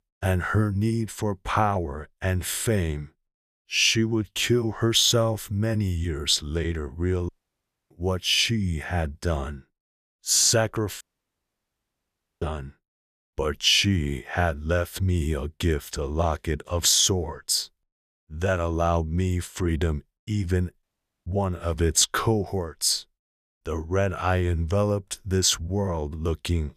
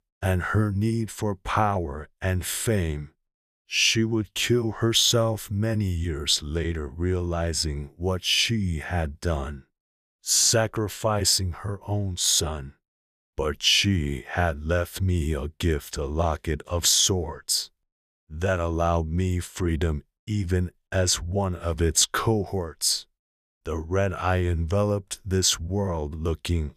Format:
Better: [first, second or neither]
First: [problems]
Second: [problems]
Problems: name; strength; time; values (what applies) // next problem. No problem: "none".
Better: second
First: audio cutting out; at 7.5 s for 0.5 s, at 11 s for 1.5 s and at 21 s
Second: none